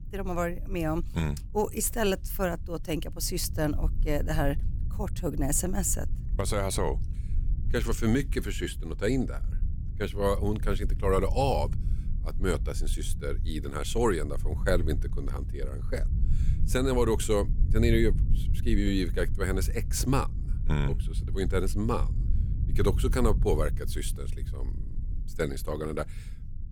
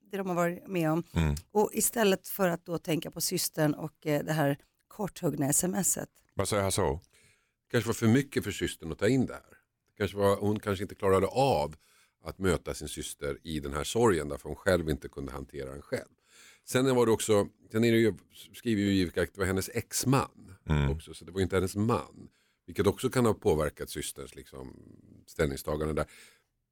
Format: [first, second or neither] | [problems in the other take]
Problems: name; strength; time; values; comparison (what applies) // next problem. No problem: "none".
second | low rumble; noticeable; throughout; 20 dB below the speech